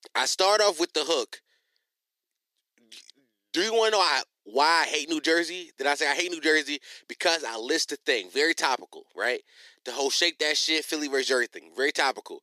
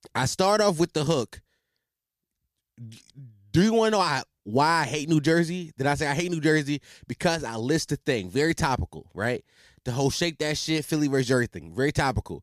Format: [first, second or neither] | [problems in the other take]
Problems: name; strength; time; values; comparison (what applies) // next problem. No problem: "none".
second | thin; very; fading below 350 Hz